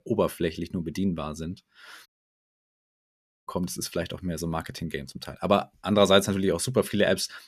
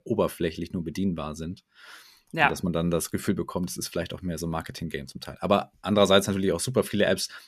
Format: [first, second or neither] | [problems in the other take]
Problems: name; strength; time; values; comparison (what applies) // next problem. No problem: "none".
second | audio cutting out; at 2 s for 1.5 s